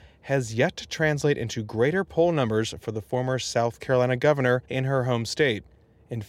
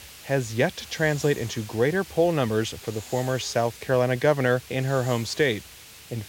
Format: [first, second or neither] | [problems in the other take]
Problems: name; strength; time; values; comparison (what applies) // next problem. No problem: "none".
first | hiss; noticeable; throughout; 15 dB below the speech